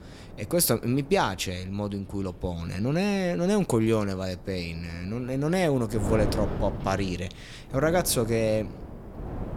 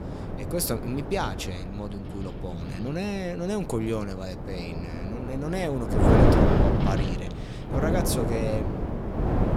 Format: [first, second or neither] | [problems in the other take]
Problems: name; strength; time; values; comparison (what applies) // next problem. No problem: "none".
first | wind noise on the microphone; heavy; 2 dB above the speech; occasional gusts in the first